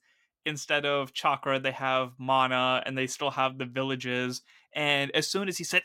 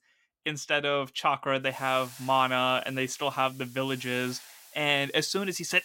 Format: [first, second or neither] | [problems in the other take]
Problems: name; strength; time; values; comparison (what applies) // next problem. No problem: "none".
first | hiss; noticeable; from 1.5 s on; 20 dB below the speech